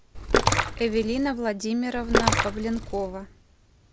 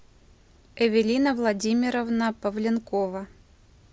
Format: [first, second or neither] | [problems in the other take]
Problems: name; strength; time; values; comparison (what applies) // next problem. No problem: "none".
second | background sound (Splash, splatter); 2 dB above the speech